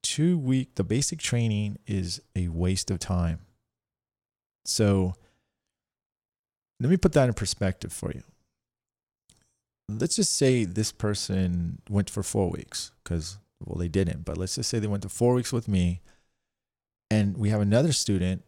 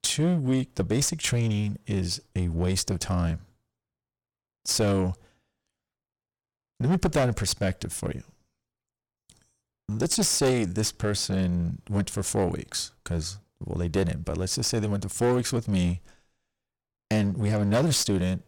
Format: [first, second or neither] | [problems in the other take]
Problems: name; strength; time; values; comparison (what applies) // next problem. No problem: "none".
first | distortion; heavy; 8% of the sound clipped